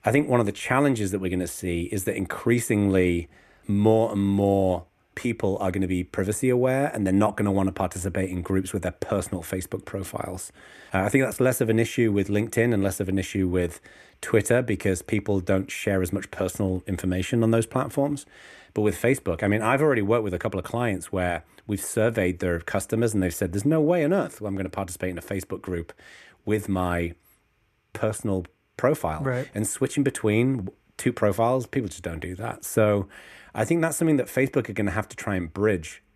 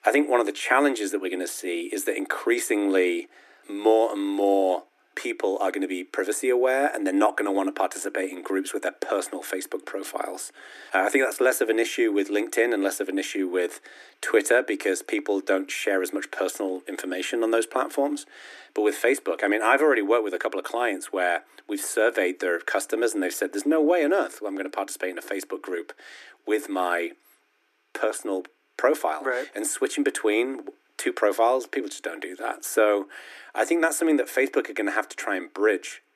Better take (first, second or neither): first